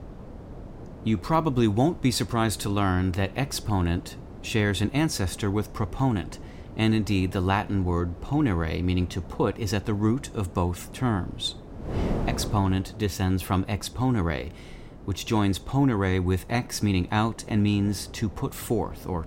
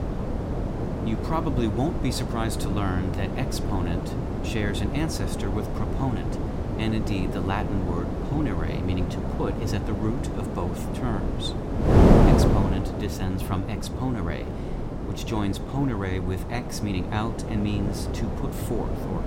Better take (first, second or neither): first